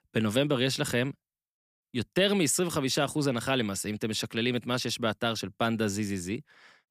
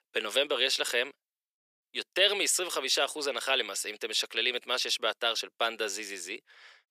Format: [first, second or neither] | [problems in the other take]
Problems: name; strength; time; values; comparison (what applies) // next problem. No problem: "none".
first | thin; very; fading below 450 Hz